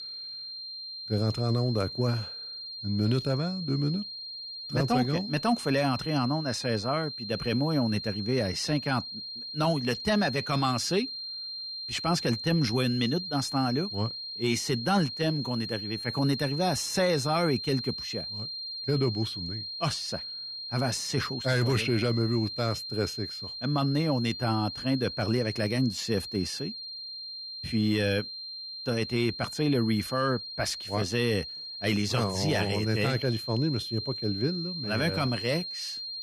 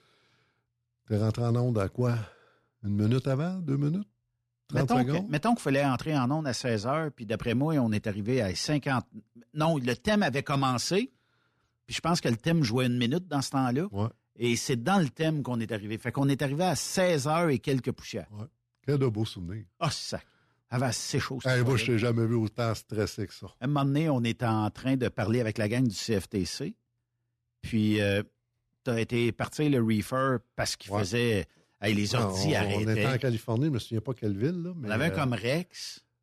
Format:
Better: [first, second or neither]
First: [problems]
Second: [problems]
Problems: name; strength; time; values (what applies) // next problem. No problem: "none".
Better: second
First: high-pitched whine; loud; throughout; 4 kHz, 7 dB below the speech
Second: none